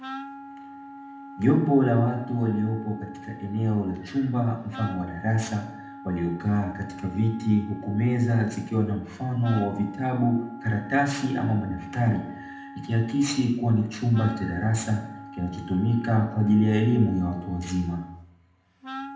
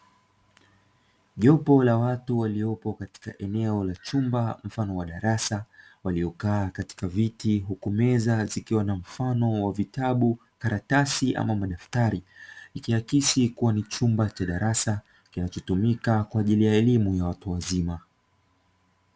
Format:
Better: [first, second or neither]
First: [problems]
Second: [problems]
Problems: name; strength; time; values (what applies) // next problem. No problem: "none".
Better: second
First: background sound (Wind instrument, woodwind instrument); 16 dB below the speech // room echo; dies away in 0.7 s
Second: none